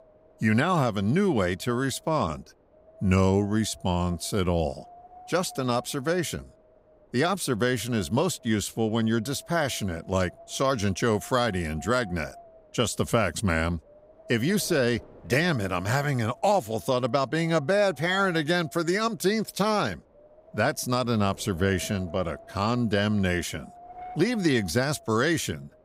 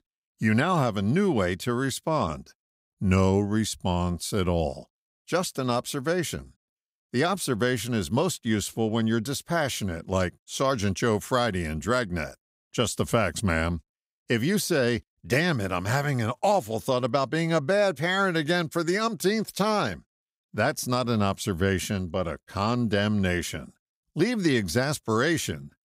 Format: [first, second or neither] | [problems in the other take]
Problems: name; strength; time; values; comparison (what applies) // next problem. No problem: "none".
second | wind noise on the microphone; occasional gusts; 20 dB below the speech